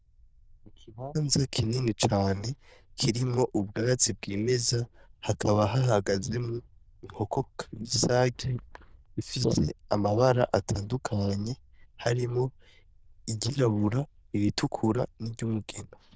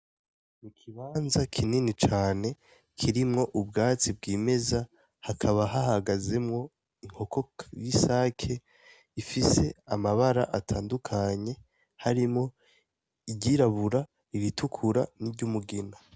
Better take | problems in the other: second | noise reduction (neural diffusion model UNIVERSE++)

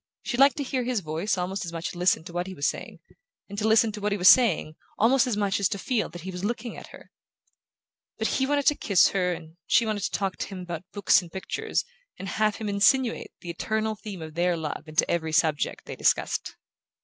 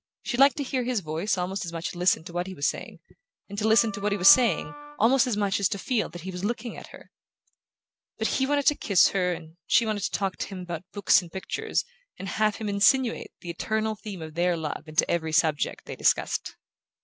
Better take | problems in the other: first | background sound (Wind instrument, woodwind instrument); 14 dB below the speech

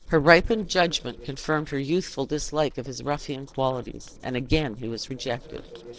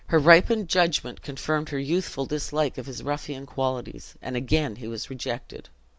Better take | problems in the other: second | noise reduction (neural separator model SepFormer DNS4)

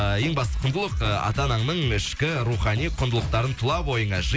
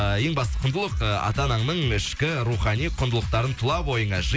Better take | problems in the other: second | background sound (Knock); 18 dB below the speech

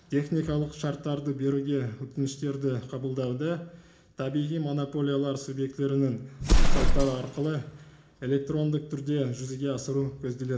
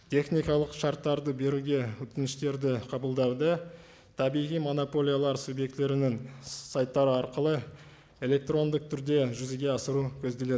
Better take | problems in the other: second | background sound (Explosion); as loud as the speech // room echo; dies away in 0.4 s

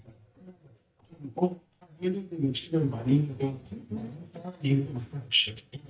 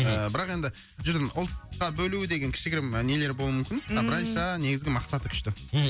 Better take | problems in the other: second | noise reduction (neural mask model DeepFilterNet 3)

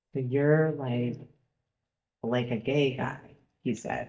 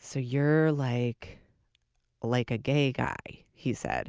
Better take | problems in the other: second | noise reduction (neural mask model DeepFilterNet 3)

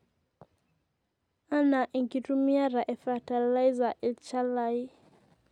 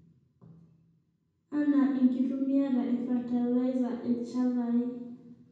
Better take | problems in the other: first | room echo; dies away in 1.1 s

